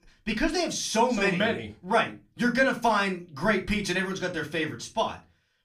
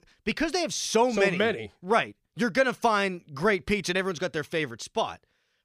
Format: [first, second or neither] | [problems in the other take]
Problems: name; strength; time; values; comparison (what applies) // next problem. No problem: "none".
second | off-mic speech; far // room echo; very slight; dies away in 0.3 s